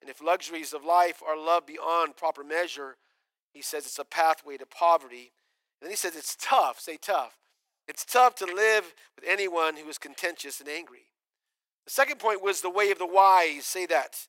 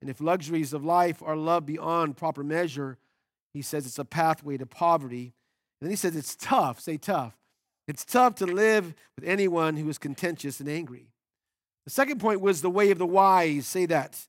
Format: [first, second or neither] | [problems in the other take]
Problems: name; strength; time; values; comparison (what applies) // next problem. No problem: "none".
second | thin; very; fading below 450 Hz